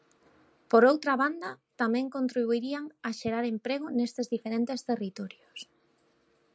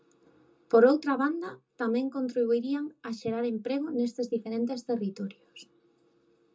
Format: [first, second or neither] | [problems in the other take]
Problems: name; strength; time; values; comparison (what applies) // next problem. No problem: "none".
first | room echo; dies away in 0.2 s